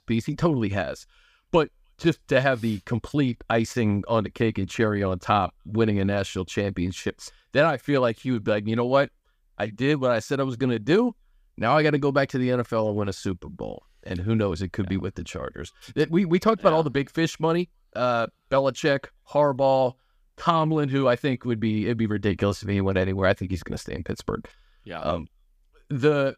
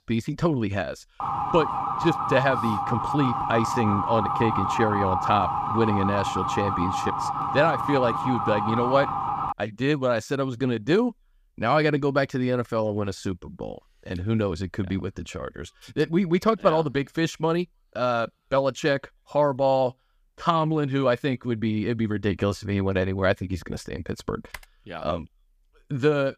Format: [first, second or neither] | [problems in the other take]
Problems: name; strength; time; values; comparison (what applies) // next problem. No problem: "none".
first | siren; loud; from 1 to 9.5 s; peak level with the speech // keyboard typing; faint; at 25 s; peak 20 dB below the speech